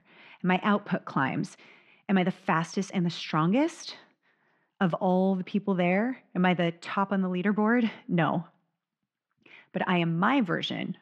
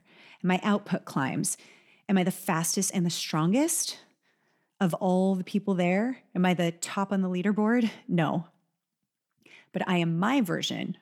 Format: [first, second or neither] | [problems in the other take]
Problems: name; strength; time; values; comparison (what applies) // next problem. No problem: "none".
second | muffled; slightly; fading above 4 kHz